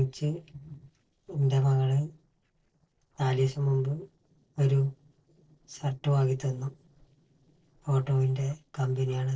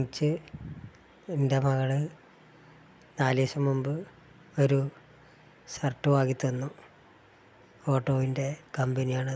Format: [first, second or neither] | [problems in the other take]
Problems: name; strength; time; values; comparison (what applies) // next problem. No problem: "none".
second | noise reduction (neural separator model SepFormer DNS4)